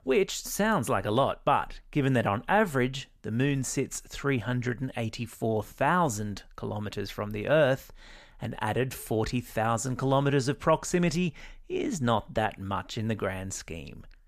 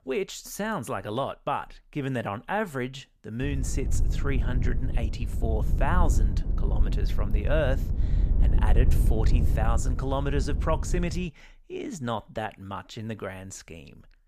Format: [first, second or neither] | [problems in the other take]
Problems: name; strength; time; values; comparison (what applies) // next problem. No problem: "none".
first | wind noise on the microphone; occasional gusts; from 3.5 to 11 s; 10 dB below the speech